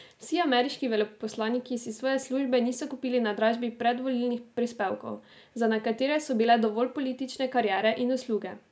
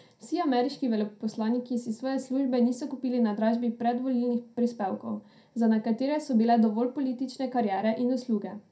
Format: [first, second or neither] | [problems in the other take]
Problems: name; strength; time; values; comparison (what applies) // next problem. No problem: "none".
first | room echo; dies away in 0.2 s